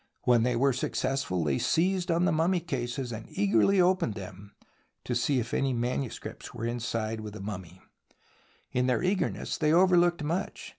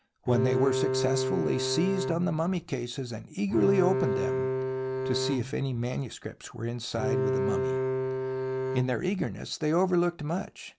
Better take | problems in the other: first | background sound (Bowed string instrument); as loud as the speech

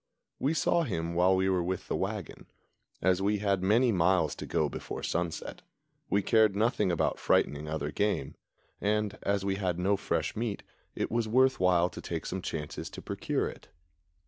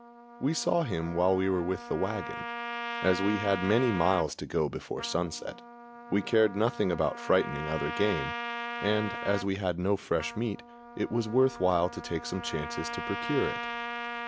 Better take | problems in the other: first | background sound (Trumpet); 9 dB below the speech

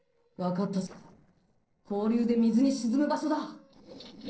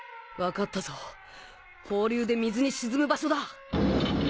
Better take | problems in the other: second | noise reduction (neural separator model SepFormer DNS4)

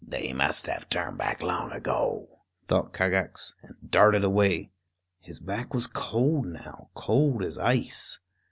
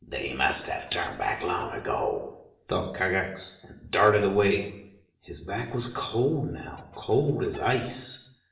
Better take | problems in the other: first | background sound (Chicken, rooster); 20 dB below the speech // room echo; dies away in 0.7 s

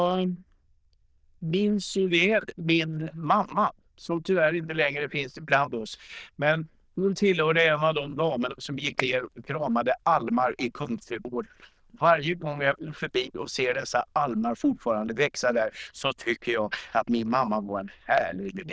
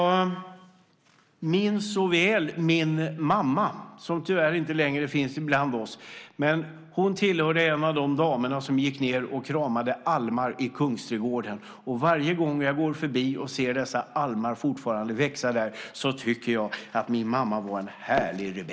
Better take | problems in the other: second | noise reduction (neural diffusion model UNIVERSE++)

